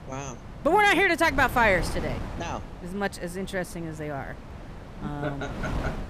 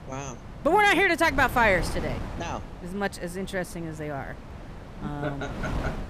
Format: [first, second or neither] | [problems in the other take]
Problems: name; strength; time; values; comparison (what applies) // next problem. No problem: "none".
neither | wind noise on the microphone; occasional gusts; 20 dB below the speech; the same in both